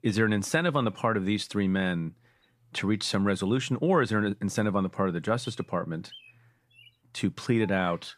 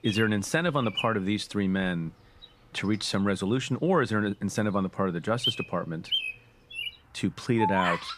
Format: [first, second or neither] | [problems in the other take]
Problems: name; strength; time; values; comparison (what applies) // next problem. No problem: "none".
first | animal sounds; loud; throughout; 3 dB below the speech; faint in the first